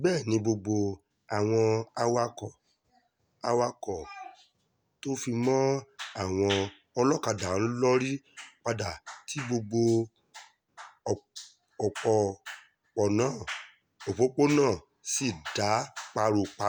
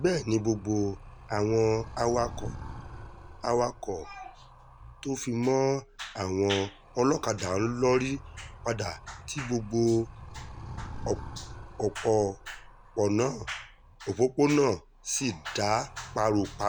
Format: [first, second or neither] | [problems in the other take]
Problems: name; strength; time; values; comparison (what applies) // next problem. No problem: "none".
first | background sound (Animal); 15 dB below the speech